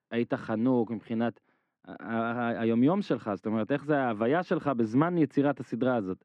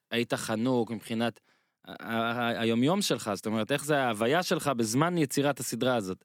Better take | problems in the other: second | muffled; very; fading above 1.5 kHz

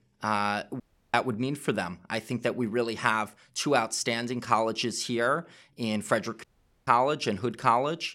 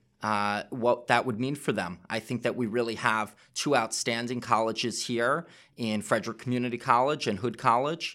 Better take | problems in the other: second | audio cutting out; at 1 s and at 6.5 s

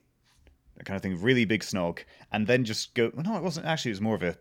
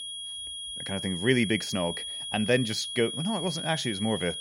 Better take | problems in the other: first | high-pitched whine; loud; throughout; 3.5 kHz, 5 dB below the speech

